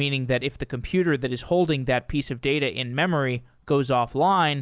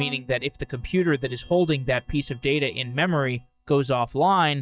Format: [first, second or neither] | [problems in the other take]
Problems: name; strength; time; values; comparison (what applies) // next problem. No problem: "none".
first | noise reduction (neural mask model DeepFilterNet 3)